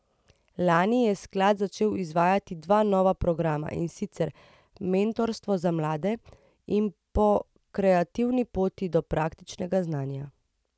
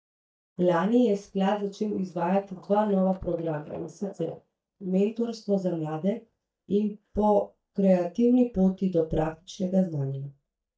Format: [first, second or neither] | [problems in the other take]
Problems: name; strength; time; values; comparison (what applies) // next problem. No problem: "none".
first | noise reduction (neural mask model DeepFilterNet 3)